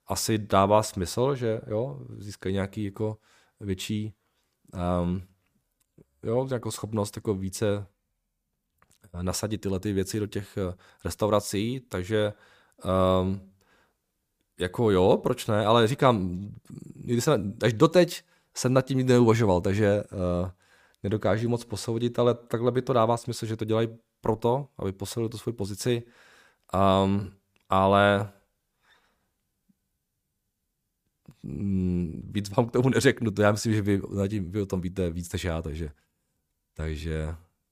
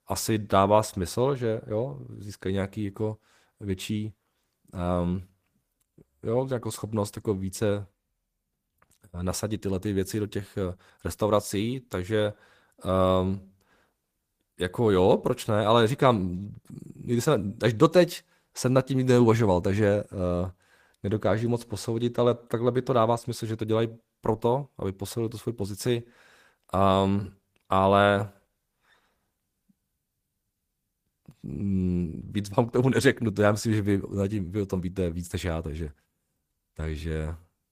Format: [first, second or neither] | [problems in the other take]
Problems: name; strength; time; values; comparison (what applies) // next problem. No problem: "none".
first | garbled, watery; slightly; nothing above 15 kHz